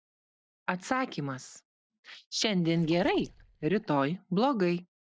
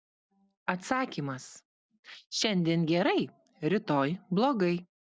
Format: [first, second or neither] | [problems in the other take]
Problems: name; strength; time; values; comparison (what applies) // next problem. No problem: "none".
second | noise reduction (neural mask model DeepFilterNet 3)